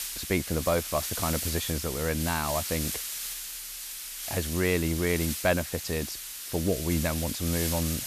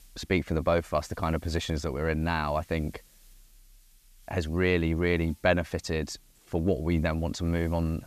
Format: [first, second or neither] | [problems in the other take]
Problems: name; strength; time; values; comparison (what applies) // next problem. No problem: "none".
second | hiss; loud; throughout; 3 dB below the speech; faint in the second